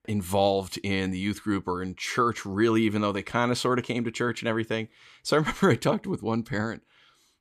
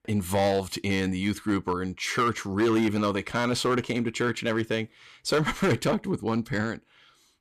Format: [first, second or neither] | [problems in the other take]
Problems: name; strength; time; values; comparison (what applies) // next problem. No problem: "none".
first | distortion; slight; 6% of the sound clipped